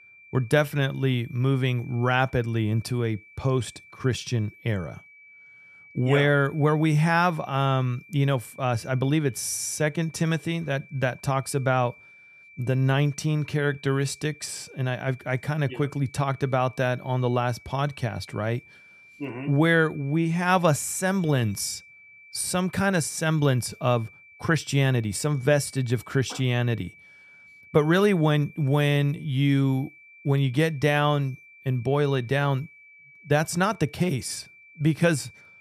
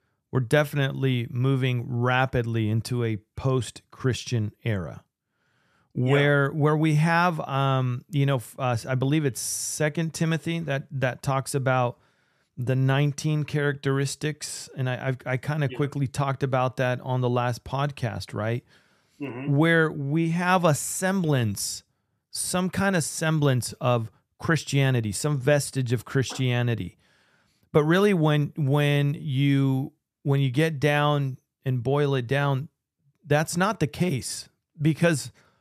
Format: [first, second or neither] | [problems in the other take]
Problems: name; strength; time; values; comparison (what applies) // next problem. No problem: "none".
second | high-pitched whine; faint; throughout; 2.5 kHz, 25 dB below the speech